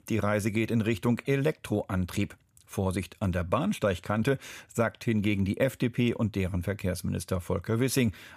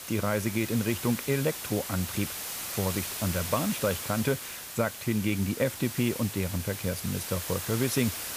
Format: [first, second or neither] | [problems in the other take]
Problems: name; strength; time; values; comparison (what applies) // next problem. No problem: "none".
first | hiss; loud; throughout; 5 dB below the speech